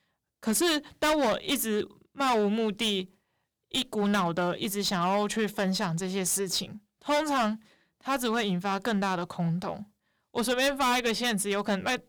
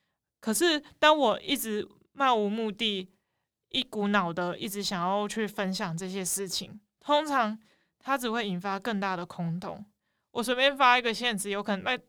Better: second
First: distortion; heavy; 10% of the sound clipped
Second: none

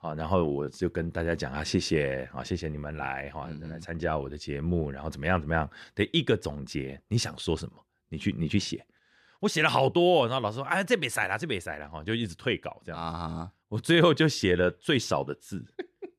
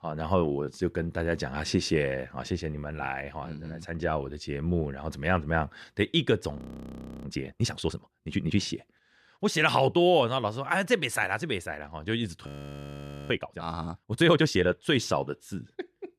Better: first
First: none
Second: audio freezing; at 6.5 s for 0.5 s and at 12 s for 1 s

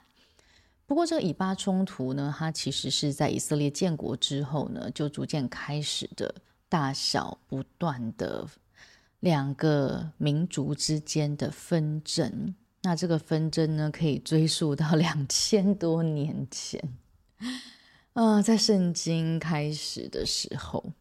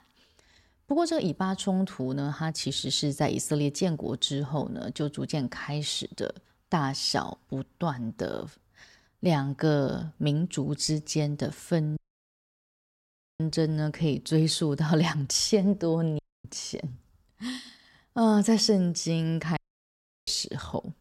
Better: first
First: none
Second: audio cutting out; at 12 s for 1.5 s, at 16 s and at 20 s for 0.5 s

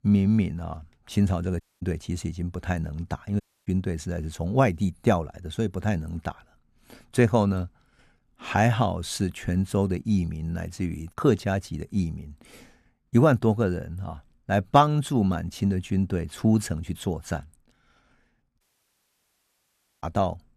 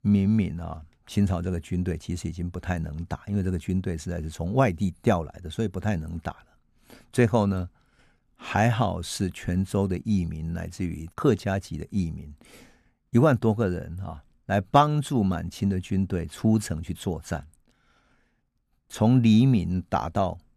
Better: second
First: audio cutting out; at 1.5 s, at 3.5 s and at 19 s for 1.5 s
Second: none

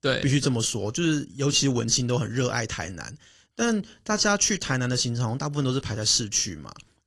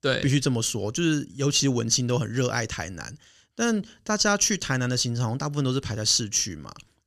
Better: second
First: garbled, watery; slightly; nothing above 11 kHz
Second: none

